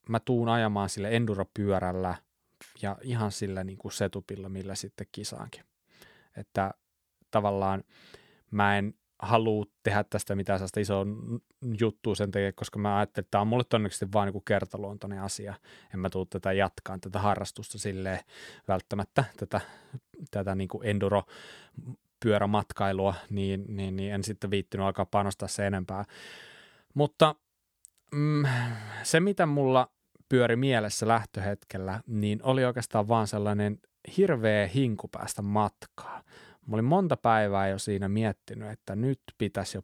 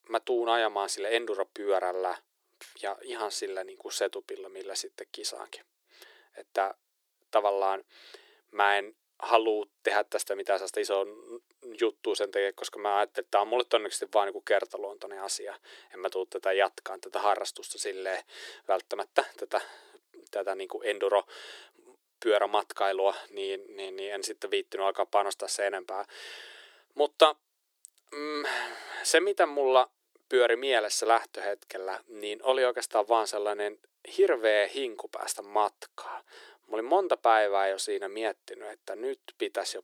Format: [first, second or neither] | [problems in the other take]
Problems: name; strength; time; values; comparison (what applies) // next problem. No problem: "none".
first | thin; very; fading below 350 Hz